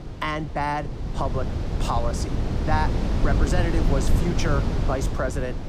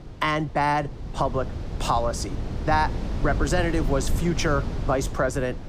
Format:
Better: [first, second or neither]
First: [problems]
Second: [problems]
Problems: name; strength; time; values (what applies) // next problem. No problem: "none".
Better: second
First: wind noise on the microphone; heavy; 5 dB below the speech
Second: wind noise on the microphone; occasional gusts; 15 dB below the speech